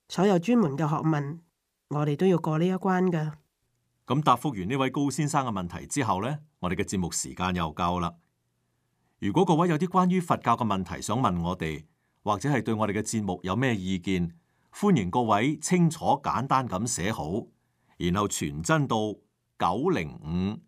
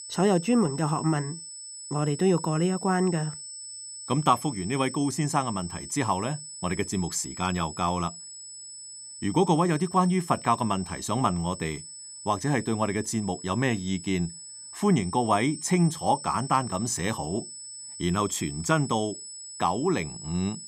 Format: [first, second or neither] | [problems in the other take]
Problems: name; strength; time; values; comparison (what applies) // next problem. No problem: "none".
first | high-pitched whine; noticeable; throughout; 8 kHz, 10 dB below the speech